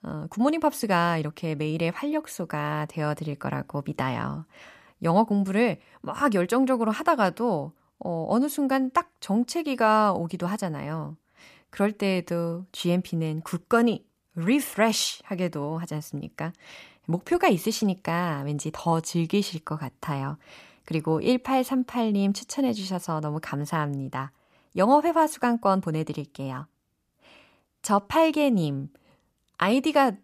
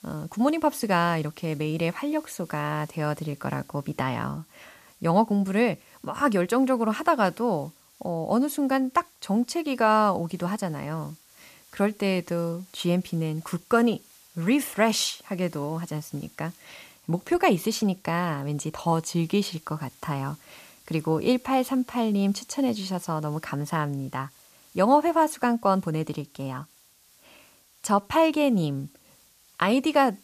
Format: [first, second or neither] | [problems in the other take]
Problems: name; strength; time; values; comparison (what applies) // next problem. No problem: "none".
first | hiss; faint; throughout; 25 dB below the speech